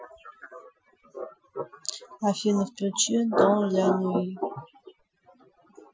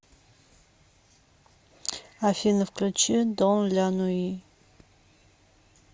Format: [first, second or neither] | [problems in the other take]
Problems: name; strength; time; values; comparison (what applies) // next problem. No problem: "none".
second | noise reduction (classical method Wiener filter)